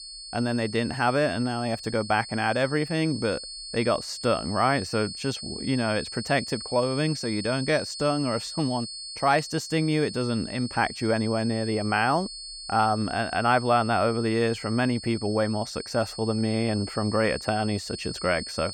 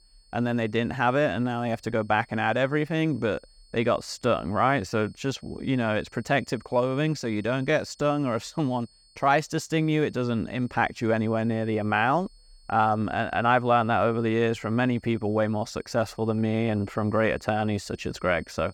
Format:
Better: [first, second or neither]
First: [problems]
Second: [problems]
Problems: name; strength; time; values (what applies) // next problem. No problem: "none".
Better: second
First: high-pitched whine; loud; throughout; 4.5 kHz, 10 dB below the speech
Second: high-pitched whine; faint; throughout; 4.5 kHz, 30 dB below the speech